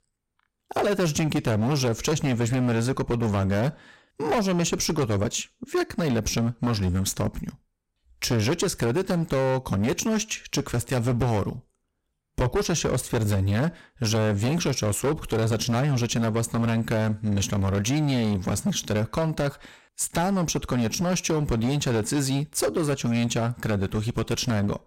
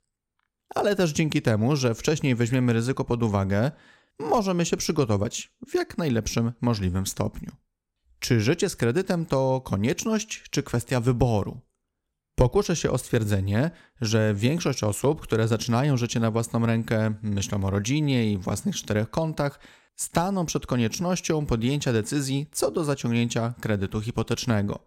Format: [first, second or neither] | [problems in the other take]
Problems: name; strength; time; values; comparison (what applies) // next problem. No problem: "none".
second | distortion; heavy; 18% of the sound clipped